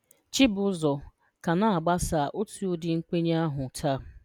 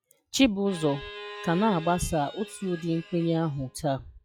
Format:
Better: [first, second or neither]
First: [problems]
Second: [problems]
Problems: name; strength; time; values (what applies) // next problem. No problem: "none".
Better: first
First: none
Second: noise reduction (classical method log-MMSE)